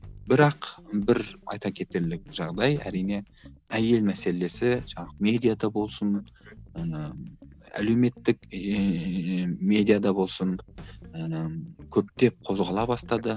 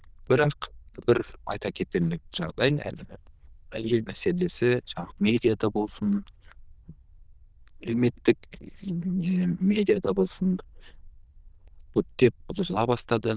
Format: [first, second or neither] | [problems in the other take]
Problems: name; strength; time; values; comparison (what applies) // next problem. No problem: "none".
first | noise reduction (neural diffusion model UNIVERSE++)